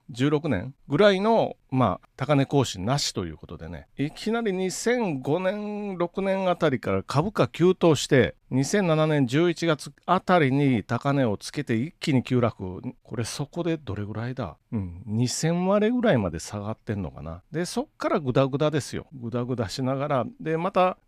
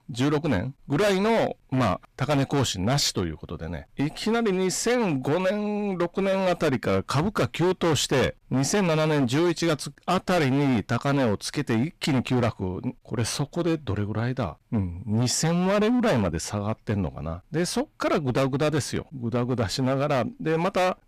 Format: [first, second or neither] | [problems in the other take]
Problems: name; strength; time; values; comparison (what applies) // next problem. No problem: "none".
first | distortion; heavy; 16% of the sound clipped